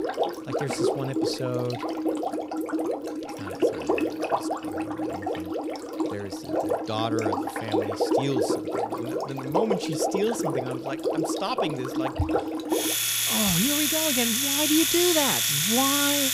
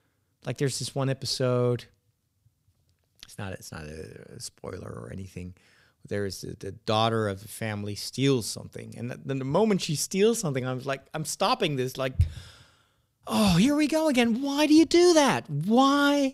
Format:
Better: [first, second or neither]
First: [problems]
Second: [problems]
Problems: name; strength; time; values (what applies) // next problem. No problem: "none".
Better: second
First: household noises; very loud; throughout; 3 dB above the speech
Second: none